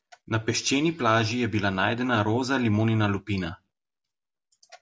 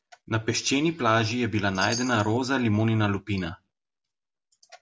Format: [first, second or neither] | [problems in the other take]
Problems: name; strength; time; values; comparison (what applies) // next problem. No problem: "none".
first | background sound (Chime); 13 dB below the speech